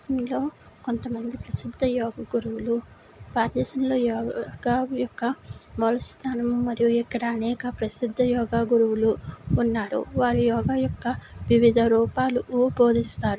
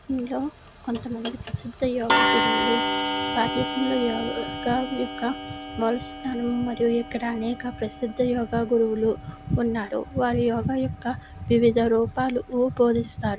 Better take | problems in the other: first | background sound (Clock); 6 dB below the speech

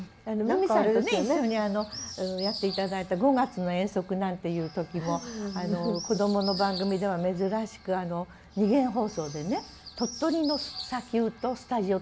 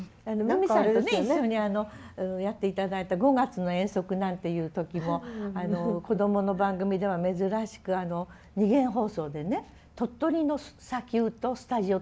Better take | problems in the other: second | background sound (Bird); 15 dB below the speech

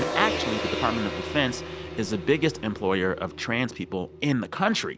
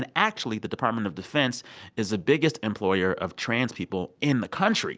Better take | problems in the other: second | background sound (Gong); 6 dB below the speech

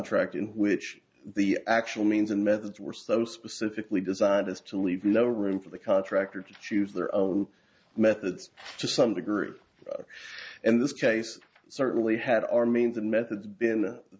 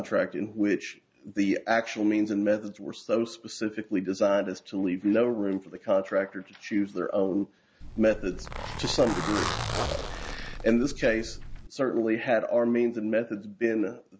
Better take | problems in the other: first | background sound (Zipper (clothing)); 6 dB below the speech

